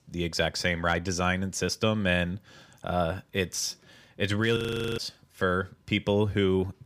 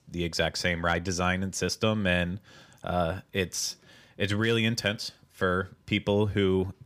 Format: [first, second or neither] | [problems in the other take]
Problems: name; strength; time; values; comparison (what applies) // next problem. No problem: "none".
second | audio freezing; at 4.5 s